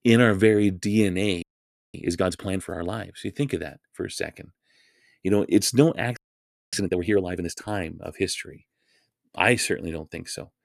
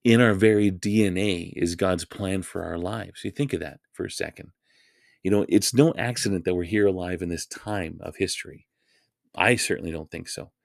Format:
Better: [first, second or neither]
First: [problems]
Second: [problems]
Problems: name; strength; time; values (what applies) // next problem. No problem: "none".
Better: second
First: audio freezing; at 1.5 s for 0.5 s and at 6 s for 0.5 s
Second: none